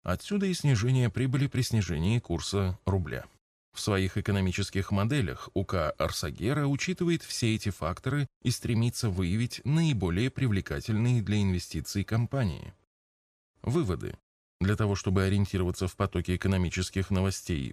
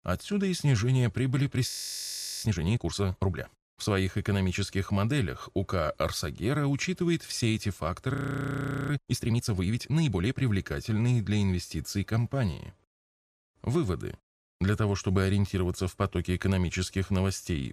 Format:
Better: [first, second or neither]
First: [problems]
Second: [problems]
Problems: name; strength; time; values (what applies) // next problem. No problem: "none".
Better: first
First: none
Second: audio freezing; at 1.5 s for 1 s and at 8 s for 1 s